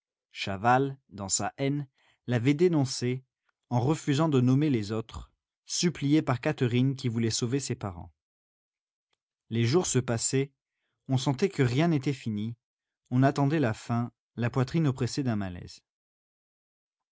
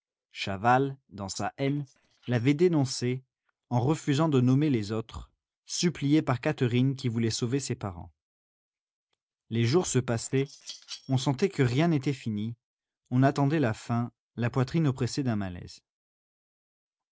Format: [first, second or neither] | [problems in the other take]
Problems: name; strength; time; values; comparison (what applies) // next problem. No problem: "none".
first | noise reduction (neural separator model SepFormer DNS4)